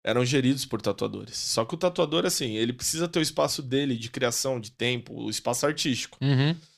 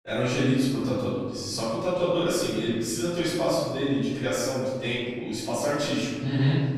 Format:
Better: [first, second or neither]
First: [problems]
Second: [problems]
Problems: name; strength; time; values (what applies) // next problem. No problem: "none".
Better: first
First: none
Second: off-mic speech; far // room echo; strong; dies away in 1.8 s